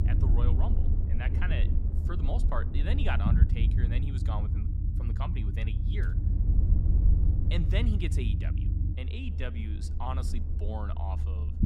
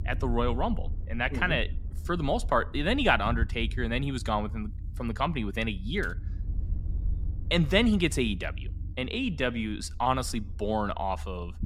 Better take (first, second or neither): second